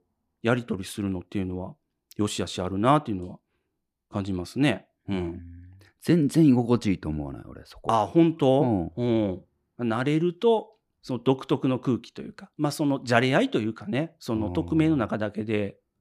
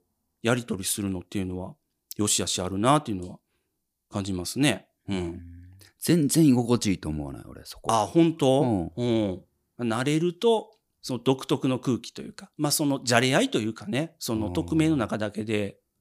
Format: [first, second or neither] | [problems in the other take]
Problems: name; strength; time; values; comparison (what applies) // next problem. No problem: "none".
second | muffled; slightly; fading above 4 kHz